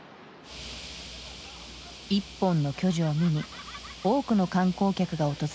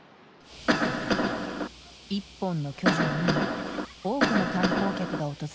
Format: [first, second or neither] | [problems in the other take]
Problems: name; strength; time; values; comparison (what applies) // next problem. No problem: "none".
first | background sound (Cough); 5 dB above the speech